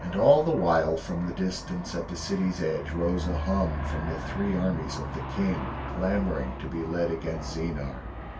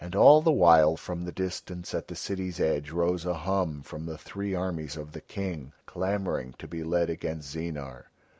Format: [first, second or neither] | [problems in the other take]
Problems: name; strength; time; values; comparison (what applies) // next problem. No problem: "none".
second | background sound (Aircraft); 6 dB below the speech // room echo; dies away in 0.2 s